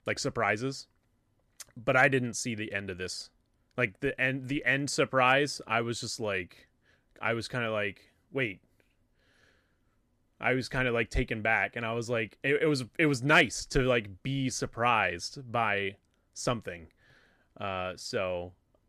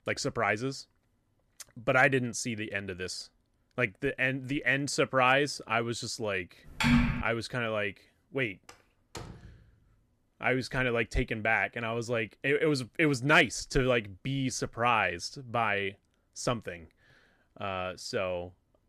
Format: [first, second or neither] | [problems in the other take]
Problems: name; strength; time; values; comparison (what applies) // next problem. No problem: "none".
first | keyboard typing; loud; at 7 s; peak 4 dB above the speech // door banging; faint; from 8.5 to 9.5 s; peak 15 dB below the speech